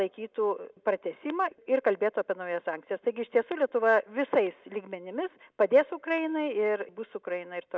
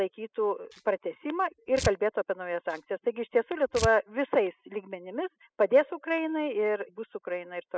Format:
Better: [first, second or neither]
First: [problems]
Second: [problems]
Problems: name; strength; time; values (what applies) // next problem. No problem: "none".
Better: first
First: none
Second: noise reduction (classical method spectral subtraction)